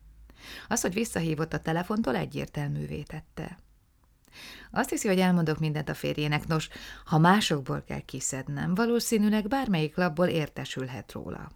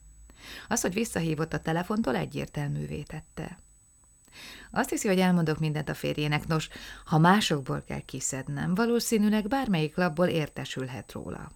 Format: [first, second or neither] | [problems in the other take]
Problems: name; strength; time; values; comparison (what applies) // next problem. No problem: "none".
first | high-pitched whine; faint; throughout; 8 kHz, 30 dB below the speech